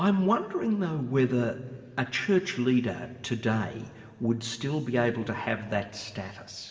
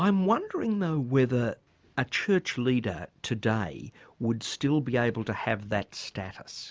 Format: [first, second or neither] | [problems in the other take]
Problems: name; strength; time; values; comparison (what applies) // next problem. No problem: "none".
second | room echo; dies away in 2.2 s